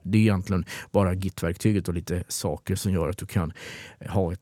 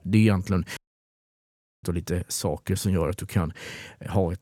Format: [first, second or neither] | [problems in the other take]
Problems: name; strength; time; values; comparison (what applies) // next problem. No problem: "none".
first | audio cutting out; at 1 s for 1 s